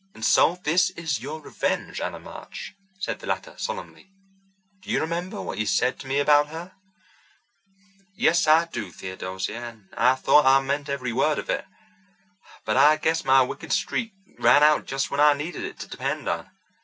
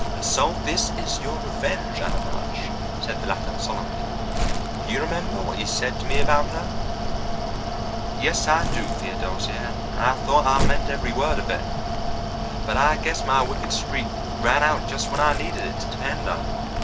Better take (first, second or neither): first